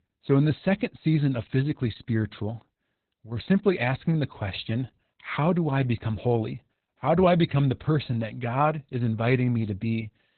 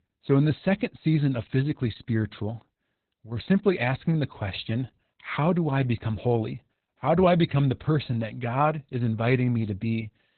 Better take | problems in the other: neither | garbled, watery; badly; nothing above 4 kHz; the same in both

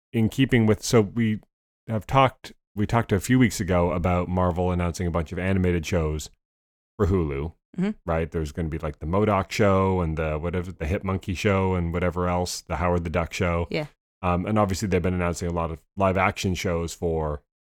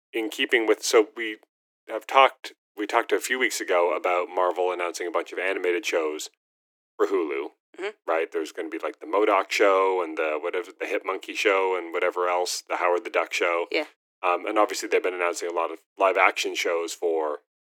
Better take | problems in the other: first | thin; very; fading below 300 Hz

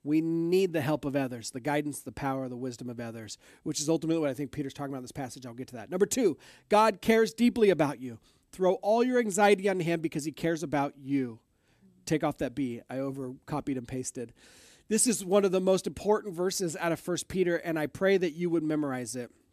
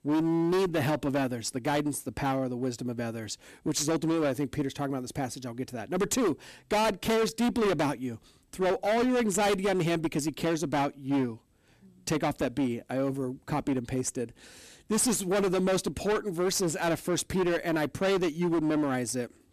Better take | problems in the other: first | distortion; heavy; 18% of the sound clipped

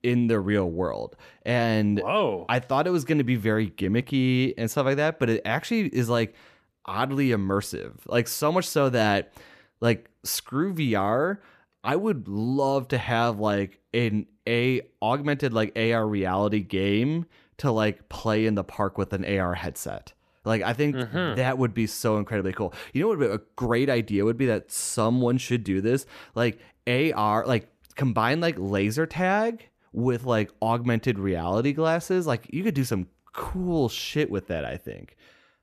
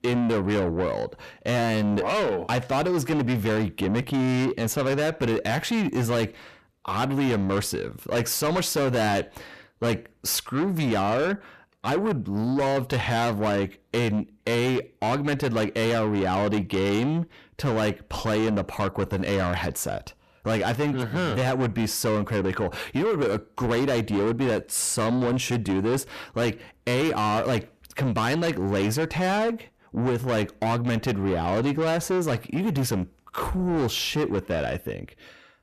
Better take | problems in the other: first | distortion; heavy; 8 dB below the speech

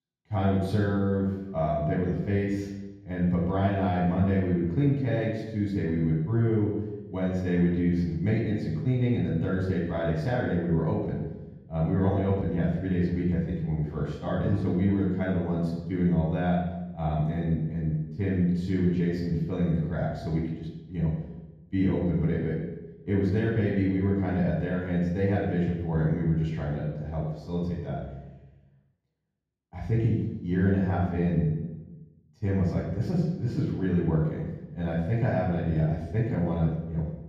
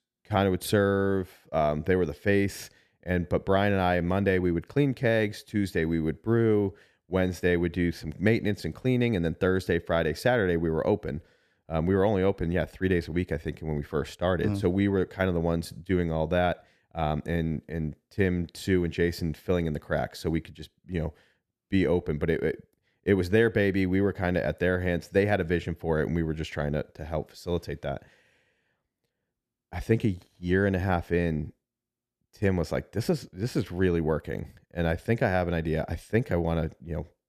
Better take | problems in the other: second | room echo; strong; dies away in 1.3 s // off-mic speech; far

